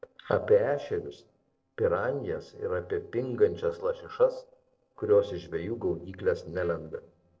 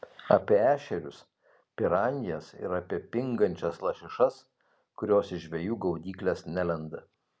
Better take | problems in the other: second | noise reduction (neural separator model SepFormer DNS4)

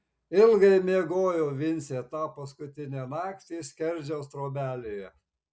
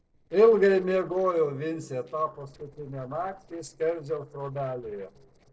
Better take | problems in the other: first | noise reduction (neural separator model SepFormer DNS4)

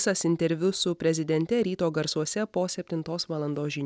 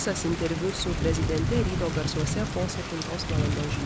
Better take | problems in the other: first | background sound (Thunder / Rain); 2 dB above the speech

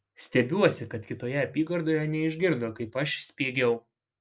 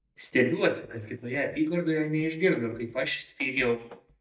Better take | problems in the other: first | noise reduction (neural mask model DeepFilterNet 3)

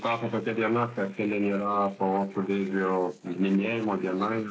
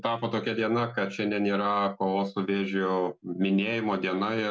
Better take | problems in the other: second | noise reduction (neural mask model Resemble Enhance denoiser)

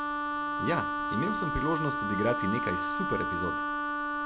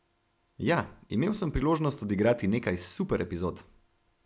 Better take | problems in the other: second | background sound (Wind instrument, woodwind instrument); 2 dB above the speech

